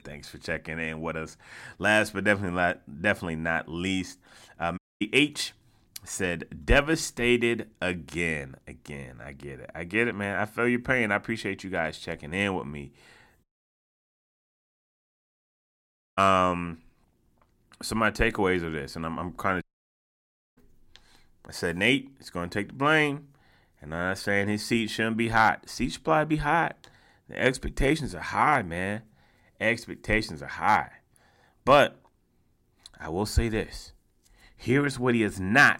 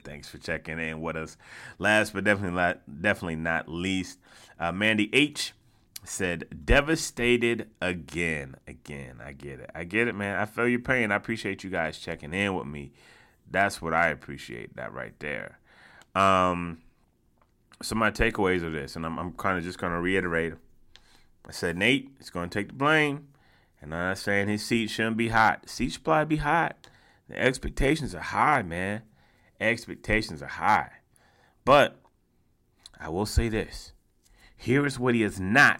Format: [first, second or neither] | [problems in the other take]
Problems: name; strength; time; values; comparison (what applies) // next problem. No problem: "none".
second | audio cutting out; at 5 s, at 13 s for 2.5 s and at 20 s for 1 s